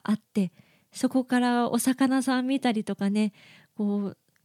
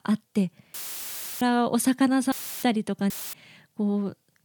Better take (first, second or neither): first